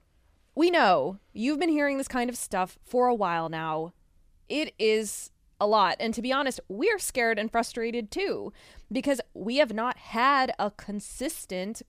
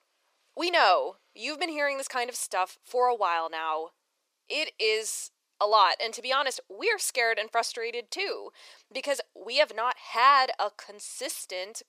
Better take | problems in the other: first | thin; very; fading below 450 Hz

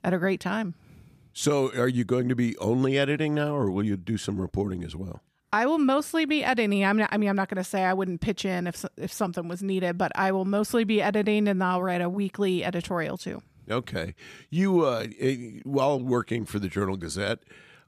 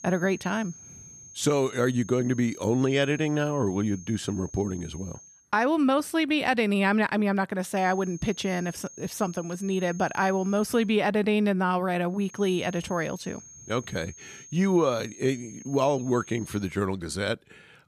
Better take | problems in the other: first | high-pitched whine; noticeable; until 5.5 s, from 8 to 11 s and from 12 to 17 s; 6.5 kHz, 20 dB below the speech

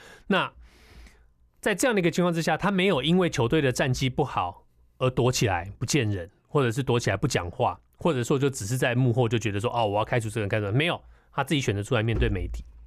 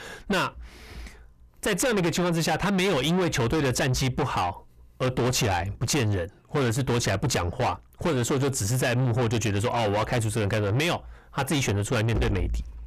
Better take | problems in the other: first | distortion; heavy; 6 dB below the speech

